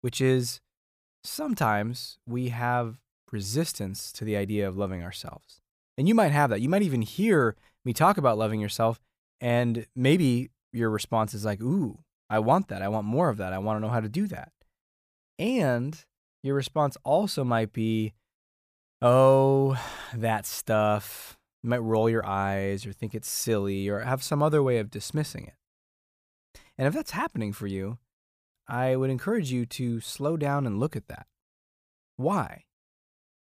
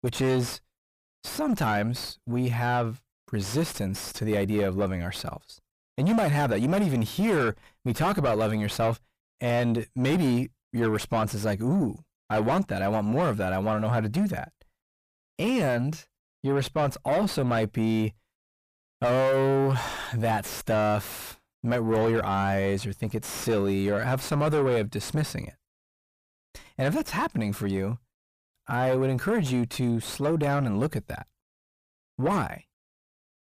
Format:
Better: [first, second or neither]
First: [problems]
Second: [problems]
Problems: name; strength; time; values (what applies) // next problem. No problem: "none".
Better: first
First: none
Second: distortion; heavy; 5 dB below the speech